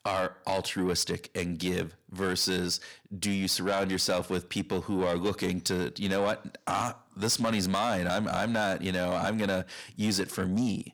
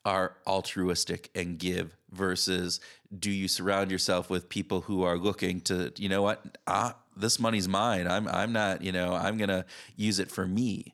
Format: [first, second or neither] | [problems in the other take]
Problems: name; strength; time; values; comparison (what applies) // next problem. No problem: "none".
second | distortion; slight; 10 dB below the speech